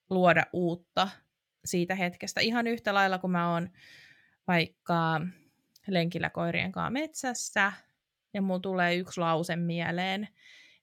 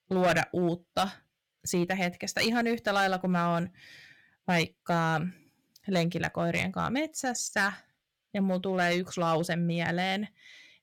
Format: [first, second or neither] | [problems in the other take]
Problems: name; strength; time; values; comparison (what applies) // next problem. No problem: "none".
first | distortion; slight; 4% of the sound clipped